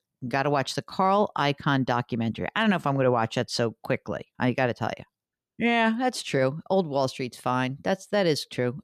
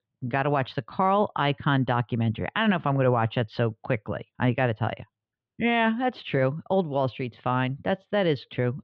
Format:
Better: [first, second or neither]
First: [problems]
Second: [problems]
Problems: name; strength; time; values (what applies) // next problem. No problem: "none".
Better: first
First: none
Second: muffled; very; fading above 3.5 kHz